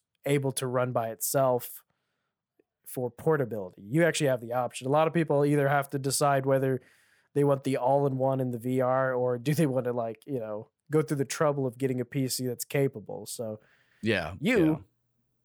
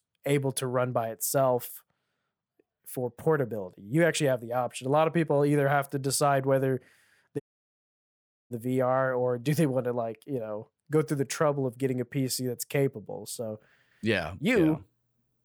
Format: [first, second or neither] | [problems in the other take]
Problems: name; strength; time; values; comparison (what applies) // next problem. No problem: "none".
first | audio cutting out; at 7.5 s for 1 s